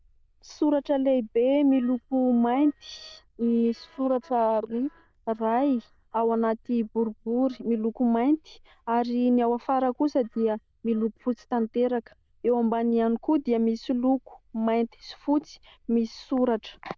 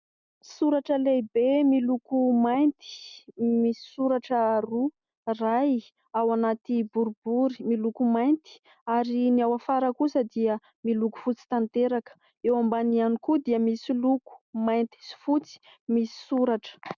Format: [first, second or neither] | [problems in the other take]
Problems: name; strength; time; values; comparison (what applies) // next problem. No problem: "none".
second | noise reduction (neural diffusion model UNIVERSE++)